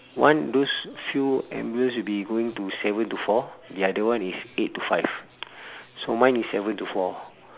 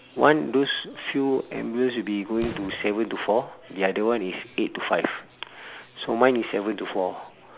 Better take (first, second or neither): first